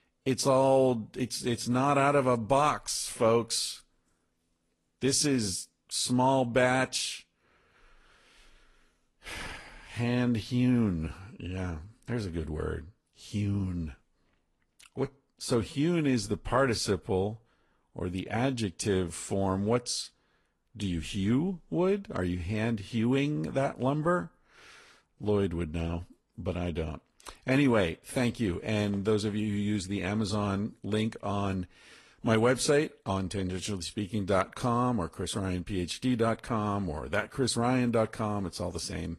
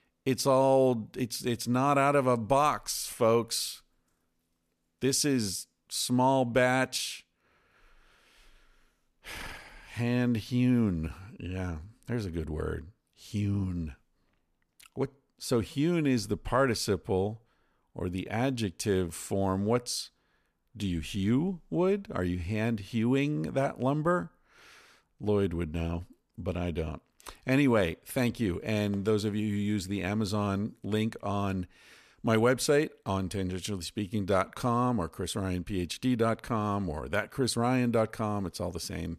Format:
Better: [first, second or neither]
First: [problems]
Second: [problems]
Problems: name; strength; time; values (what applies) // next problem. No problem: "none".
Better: second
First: garbled, watery; slightly; nothing above 11 kHz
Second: none